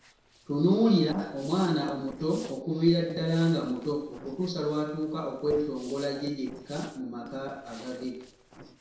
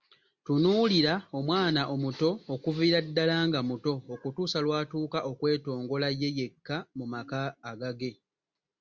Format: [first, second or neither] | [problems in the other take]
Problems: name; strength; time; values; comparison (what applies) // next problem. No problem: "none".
second | noise reduction (neural separator model SepFormer DNS4)